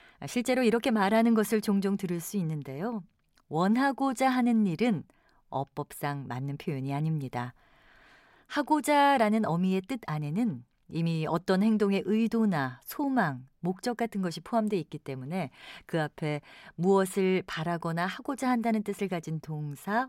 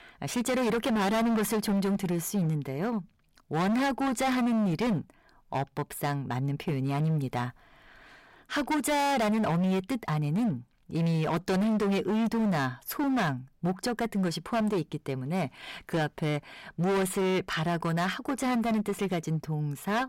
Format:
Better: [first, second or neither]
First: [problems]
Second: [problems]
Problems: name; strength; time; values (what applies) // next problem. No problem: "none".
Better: first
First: none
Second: distortion; heavy; 21% of the sound clipped